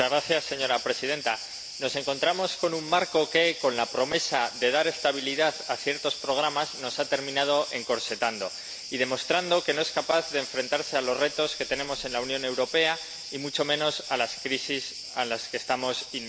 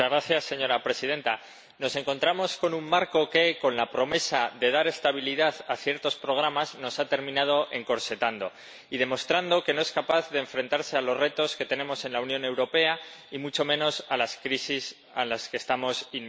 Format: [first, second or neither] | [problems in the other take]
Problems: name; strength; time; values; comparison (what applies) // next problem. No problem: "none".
second | background sound (Cricket); 11 dB below the speech